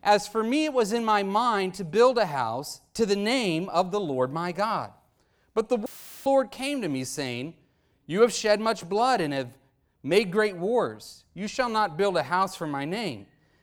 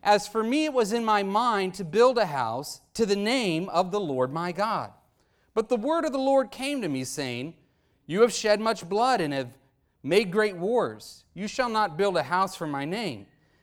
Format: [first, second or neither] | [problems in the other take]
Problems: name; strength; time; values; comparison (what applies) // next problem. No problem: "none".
second | audio cutting out; filled with static; at 6 s